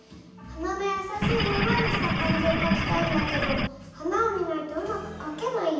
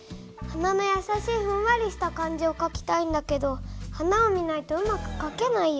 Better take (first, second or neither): second